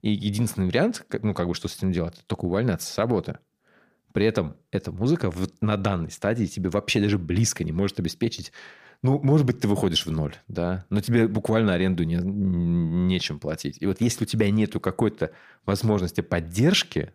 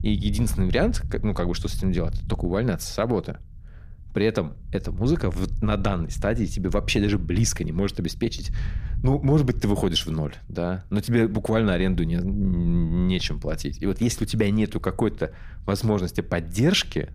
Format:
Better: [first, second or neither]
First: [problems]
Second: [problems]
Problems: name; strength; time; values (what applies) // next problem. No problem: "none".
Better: first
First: none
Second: low rumble; faint; throughout; 25 dB below the speech